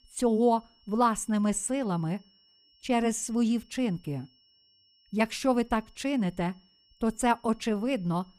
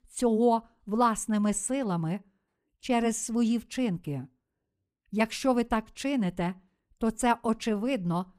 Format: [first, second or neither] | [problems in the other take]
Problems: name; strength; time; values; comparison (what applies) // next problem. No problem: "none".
second | high-pitched whine; faint; throughout; 5.5 kHz, 35 dB below the speech